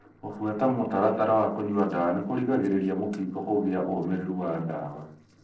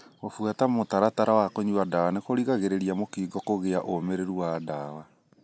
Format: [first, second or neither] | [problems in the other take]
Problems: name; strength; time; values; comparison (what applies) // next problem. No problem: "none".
second | noise reduction (neural separator model SepFormer DNS4)